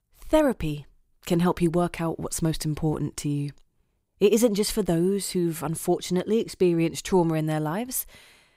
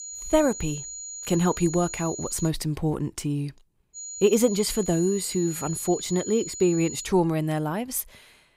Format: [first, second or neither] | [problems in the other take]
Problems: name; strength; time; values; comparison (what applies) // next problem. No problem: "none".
first | high-pitched whine; loud; until 2.5 s and from 4 to 7 s; 7 kHz, 9 dB below the speech